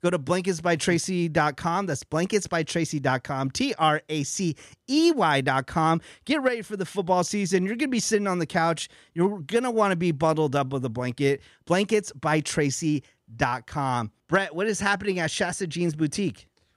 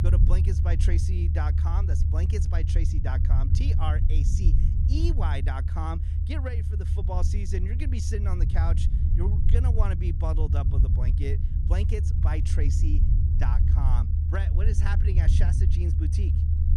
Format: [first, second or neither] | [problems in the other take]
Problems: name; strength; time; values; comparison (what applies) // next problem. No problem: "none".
first | low rumble; loud; throughout; 3 dB below the speech